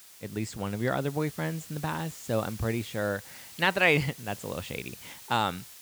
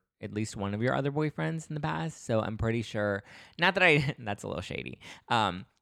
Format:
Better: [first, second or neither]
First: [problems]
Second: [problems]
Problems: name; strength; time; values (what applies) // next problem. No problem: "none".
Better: second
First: hiss; noticeable; throughout; 15 dB below the speech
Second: none